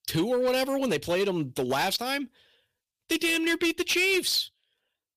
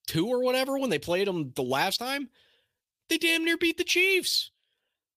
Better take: second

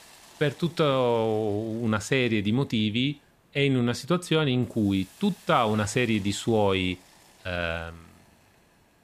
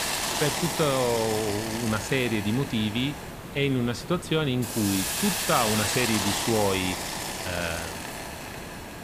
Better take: first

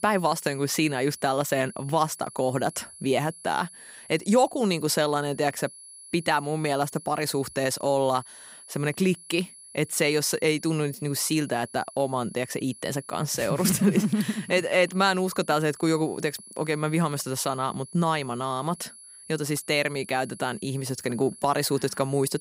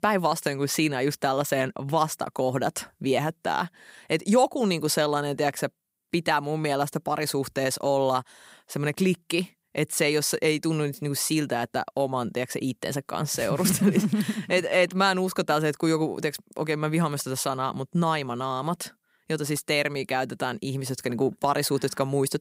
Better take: second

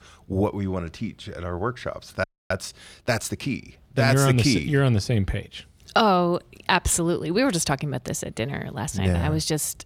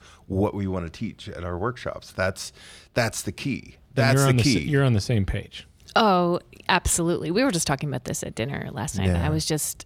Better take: second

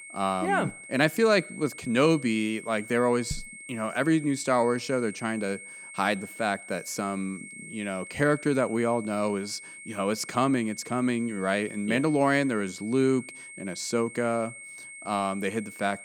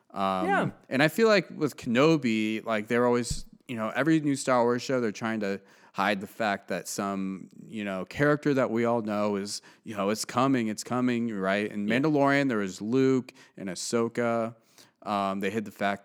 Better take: second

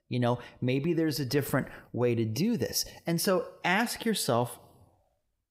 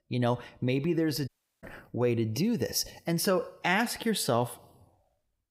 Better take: first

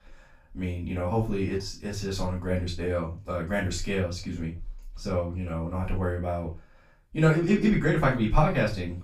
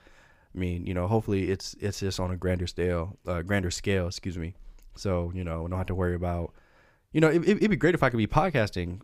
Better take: second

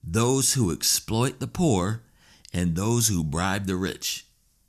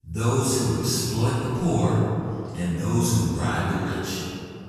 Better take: first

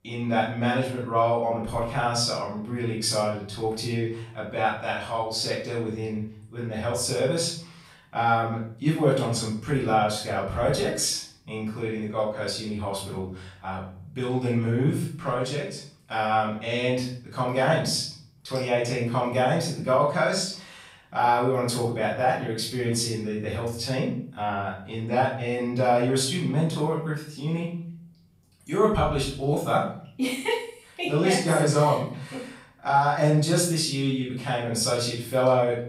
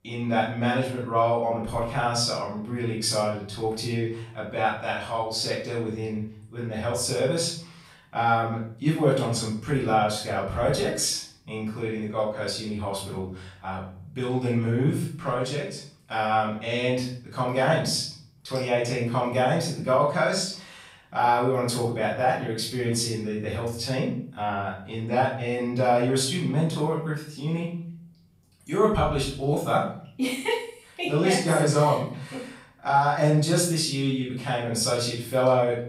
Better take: neither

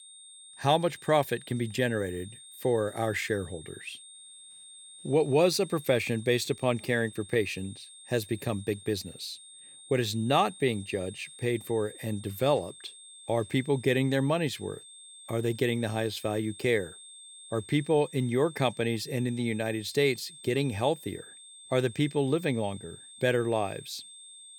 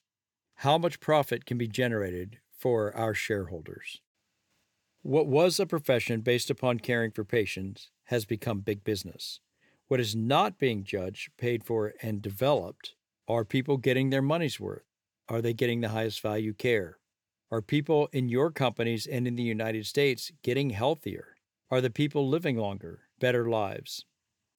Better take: second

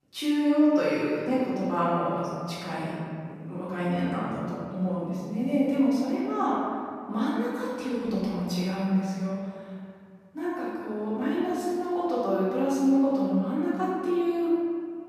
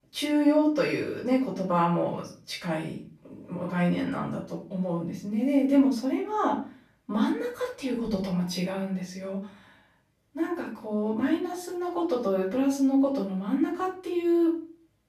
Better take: second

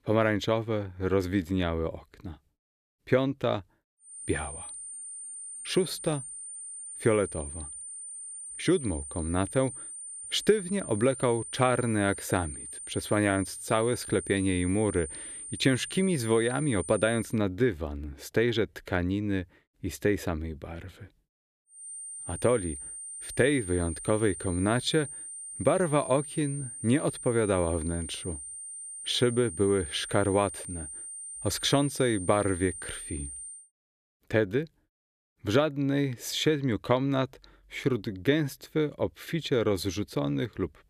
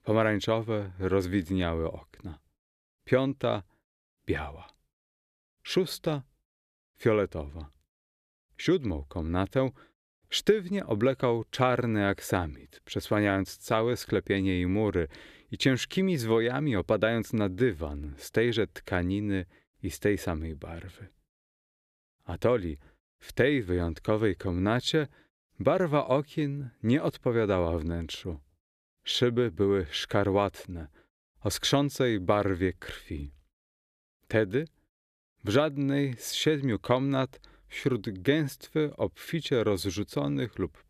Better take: second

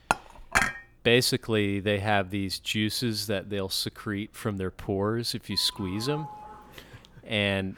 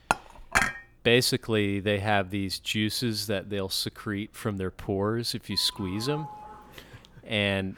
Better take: neither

